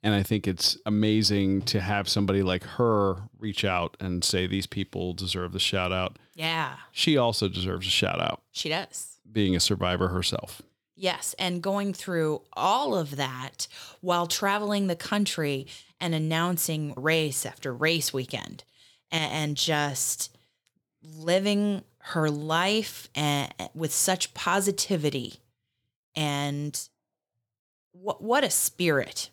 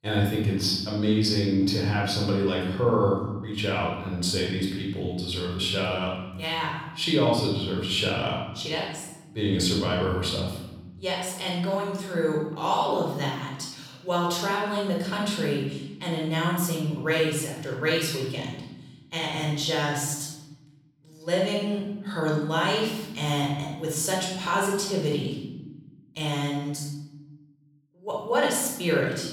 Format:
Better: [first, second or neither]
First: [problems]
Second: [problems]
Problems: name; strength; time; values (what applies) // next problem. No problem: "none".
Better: first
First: none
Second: room echo; noticeable; dies away in 1.1 s // off-mic speech; far